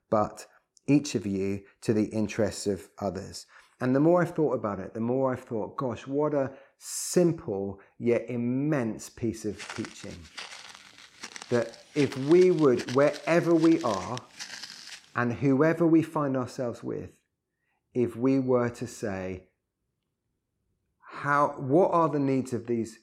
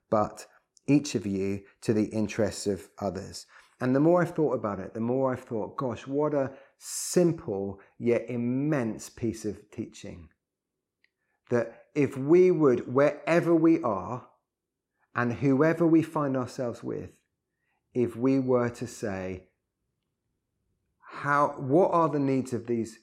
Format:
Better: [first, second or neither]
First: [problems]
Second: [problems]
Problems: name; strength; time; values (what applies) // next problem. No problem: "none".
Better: second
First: footsteps; faint; from 9.5 to 15 s; peak 10 dB below the speech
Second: none